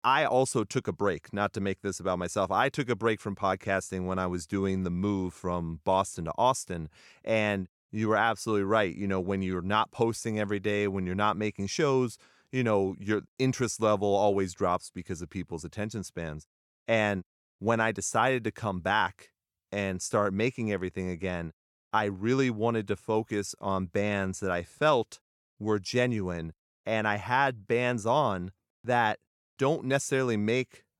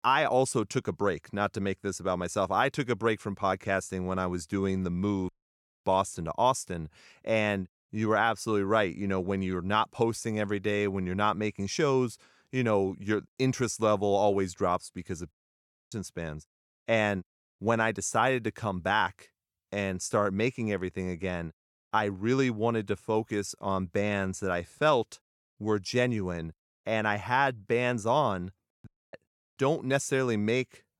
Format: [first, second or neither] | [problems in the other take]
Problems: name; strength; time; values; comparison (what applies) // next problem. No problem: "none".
first | audio cutting out; at 5.5 s for 0.5 s, at 15 s for 0.5 s and at 29 s